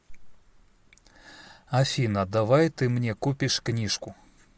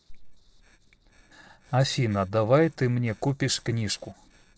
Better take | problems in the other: first | noise reduction (neural separator model SepFormer DNS4)

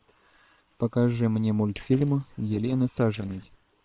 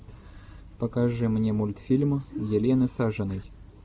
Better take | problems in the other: second | noise reduction (neural separator model SepFormer WHAM!)

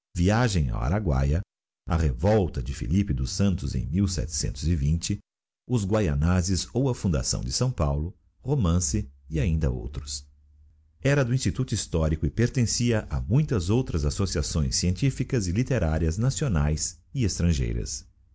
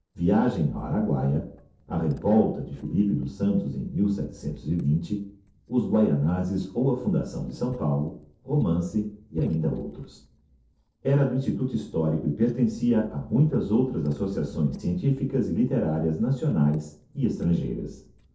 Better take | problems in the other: first | noise reduction (neural separator model SepFormer DNS4)

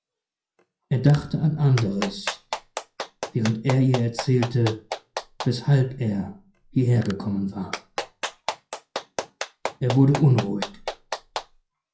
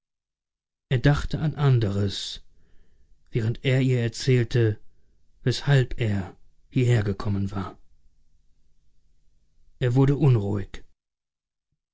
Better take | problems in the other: second | noise reduction (classical method WPE with log-MMSE)

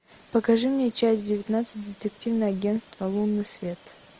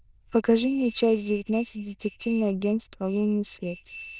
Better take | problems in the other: first | noise reduction (neural diffusion model UNIVERSE++)

